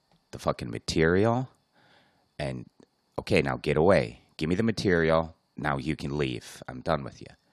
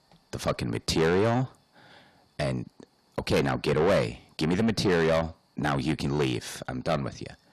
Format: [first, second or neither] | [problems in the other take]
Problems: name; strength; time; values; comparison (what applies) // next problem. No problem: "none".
first | distortion; heavy; 6 dB below the speech